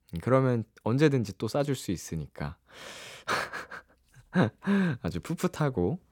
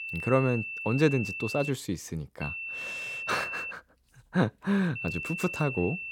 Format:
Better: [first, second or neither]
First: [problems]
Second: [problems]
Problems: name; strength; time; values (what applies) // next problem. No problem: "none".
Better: first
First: none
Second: high-pitched whine; loud; until 1.5 s, from 2.5 to 3.5 s and from 5 s on; 2.5 kHz, 5 dB below the speech